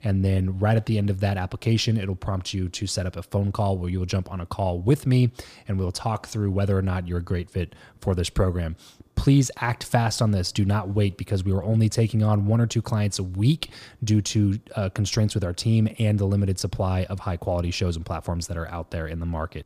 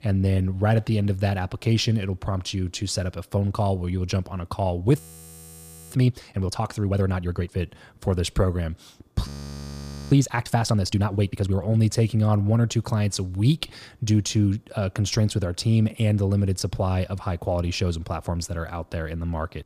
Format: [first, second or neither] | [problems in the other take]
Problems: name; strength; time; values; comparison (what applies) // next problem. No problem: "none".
first | audio freezing; at 5 s for 1 s and at 9.5 s for 1 s